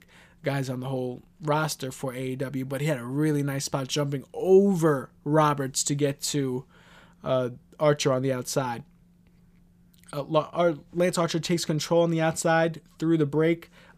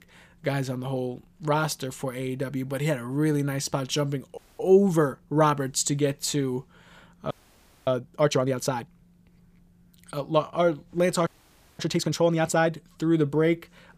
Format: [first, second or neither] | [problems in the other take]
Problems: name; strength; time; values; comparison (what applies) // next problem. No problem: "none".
first | audio freezing; at 4.5 s, at 7.5 s for 0.5 s and at 11 s for 0.5 s